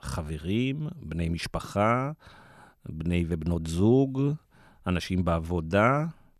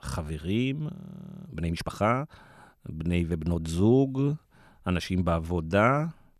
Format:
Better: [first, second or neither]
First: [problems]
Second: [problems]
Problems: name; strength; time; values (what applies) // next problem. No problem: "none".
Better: first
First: none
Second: audio freezing; at 1 s for 0.5 s